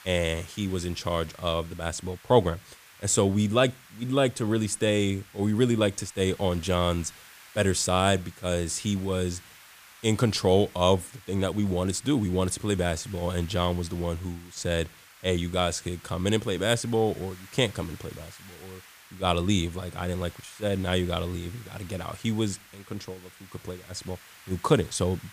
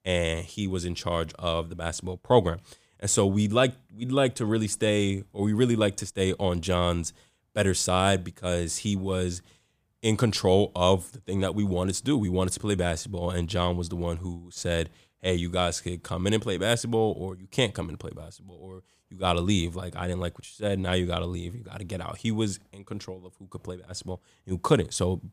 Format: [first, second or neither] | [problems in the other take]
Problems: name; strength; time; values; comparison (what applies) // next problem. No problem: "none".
second | hiss; faint; throughout; 20 dB below the speech